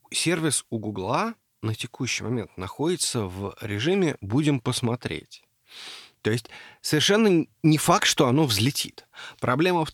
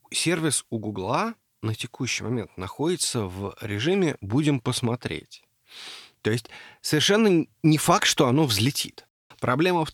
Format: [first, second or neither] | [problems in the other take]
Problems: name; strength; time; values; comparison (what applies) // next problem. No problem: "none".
first | audio cutting out; at 9 s